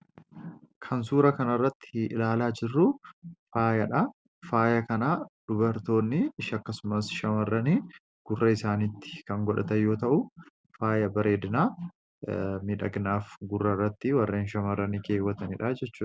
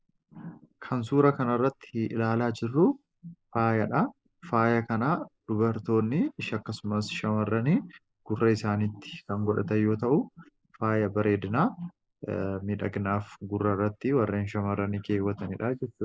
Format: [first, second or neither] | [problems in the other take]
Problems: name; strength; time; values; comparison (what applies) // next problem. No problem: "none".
first | noise reduction (neural mask model Resemble Enhance denoiser)